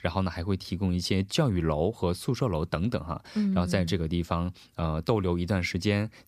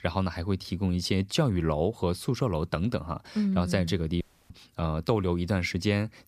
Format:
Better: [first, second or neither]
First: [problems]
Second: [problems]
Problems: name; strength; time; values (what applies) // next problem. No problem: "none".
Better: first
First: none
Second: audio cutting out; at 4 s